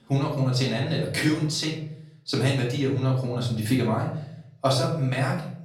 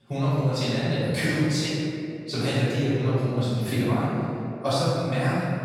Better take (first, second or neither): first